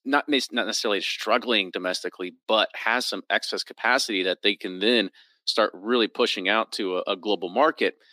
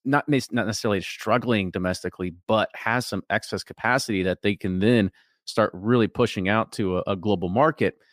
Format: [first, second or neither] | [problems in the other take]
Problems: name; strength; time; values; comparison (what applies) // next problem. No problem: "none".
second | thin; very slightly; fading below 250 Hz